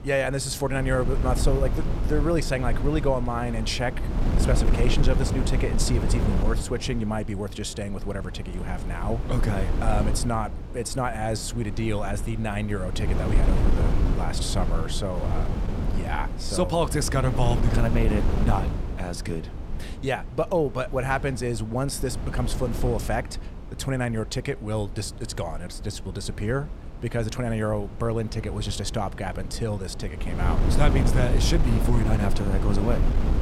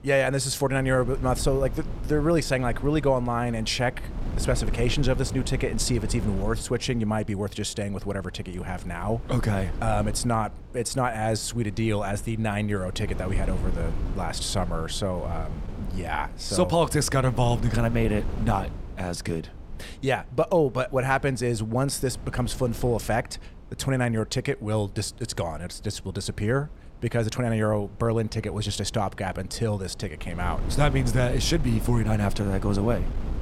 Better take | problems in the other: second | wind noise on the microphone; heavy; 7 dB below the speech; occasional gusts in the second

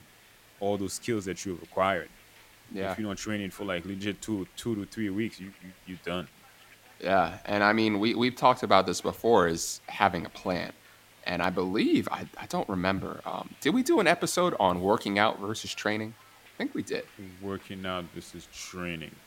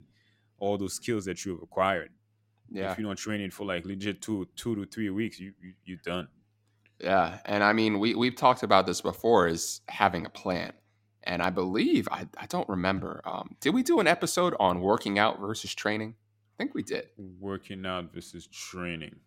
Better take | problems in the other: second | hiss; faint; throughout; 25 dB below the speech

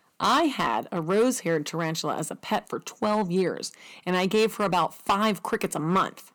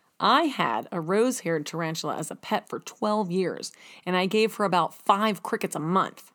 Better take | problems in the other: second | distortion; slight; 3% of the sound clipped

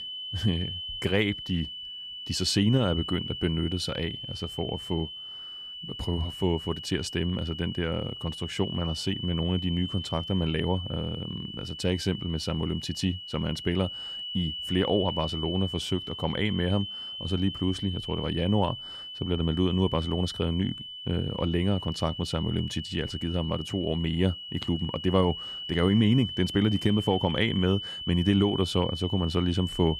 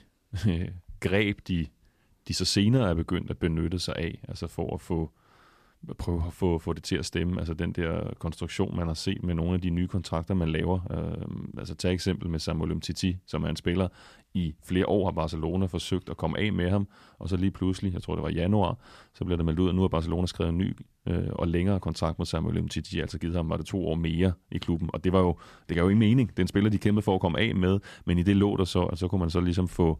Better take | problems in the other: second | high-pitched whine; loud; throughout; 3 kHz, 7 dB below the speech

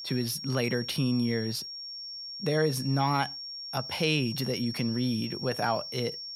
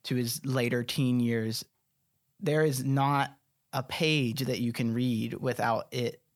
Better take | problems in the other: second | high-pitched whine; loud; throughout; 5.5 kHz, 7 dB below the speech

